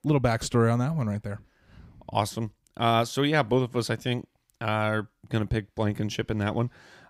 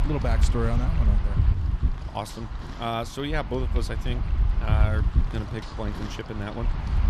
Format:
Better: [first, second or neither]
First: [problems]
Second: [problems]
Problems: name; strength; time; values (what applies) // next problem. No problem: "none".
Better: first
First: none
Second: wind noise on the microphone; heavy; 6 dB below the speech